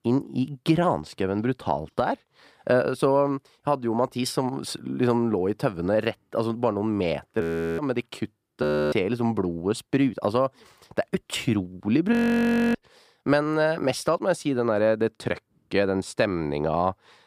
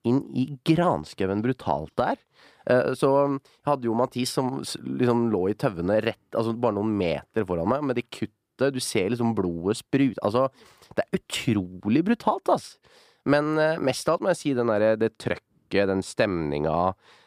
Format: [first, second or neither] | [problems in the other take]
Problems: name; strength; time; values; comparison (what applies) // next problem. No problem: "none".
second | audio freezing; at 7.5 s, at 8.5 s and at 12 s for 0.5 s